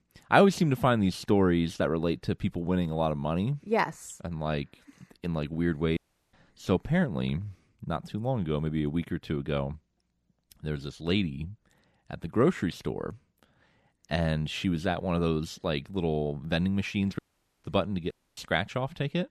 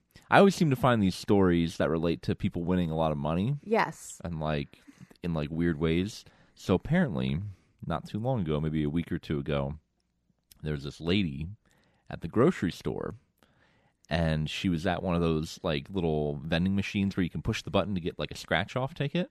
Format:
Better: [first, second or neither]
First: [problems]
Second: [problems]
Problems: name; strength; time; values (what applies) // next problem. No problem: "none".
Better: second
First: audio cutting out; at 6 s, at 17 s and at 18 s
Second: none